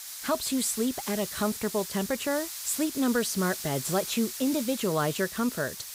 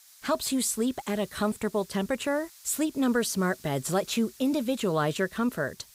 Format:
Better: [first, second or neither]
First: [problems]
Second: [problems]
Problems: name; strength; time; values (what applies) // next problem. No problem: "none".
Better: second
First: hiss; loud; throughout; 7 dB below the speech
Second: hiss; faint; throughout; 20 dB below the speech